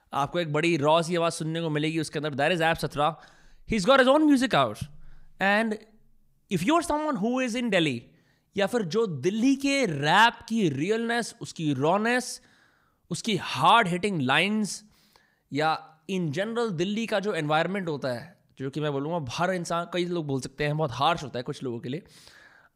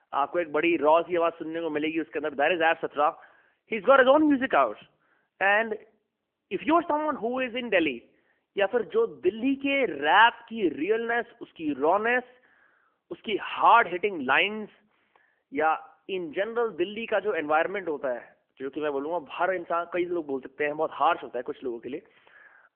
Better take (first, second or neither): first